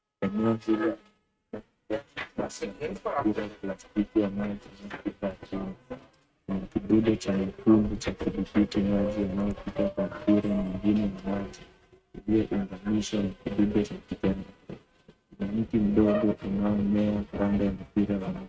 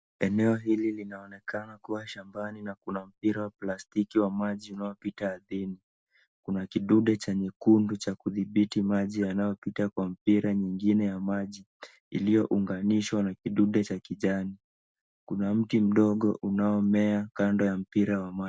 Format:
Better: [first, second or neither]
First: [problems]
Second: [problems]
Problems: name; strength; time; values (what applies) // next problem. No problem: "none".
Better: second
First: noise reduction (neural mask model RNNoise)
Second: none